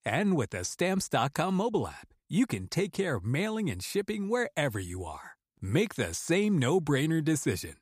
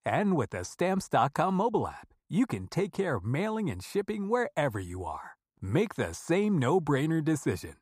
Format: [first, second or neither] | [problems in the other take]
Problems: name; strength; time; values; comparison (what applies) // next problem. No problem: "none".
first | muffled; slightly; fading above 1.5 kHz